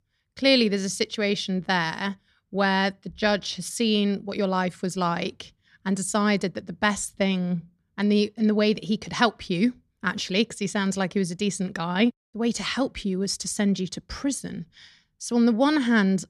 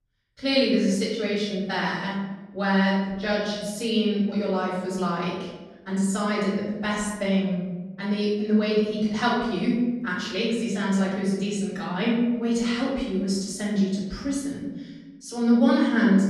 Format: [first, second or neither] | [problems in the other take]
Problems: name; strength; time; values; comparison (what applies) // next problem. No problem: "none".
first | off-mic speech; far // room echo; noticeable; dies away in 1.1 s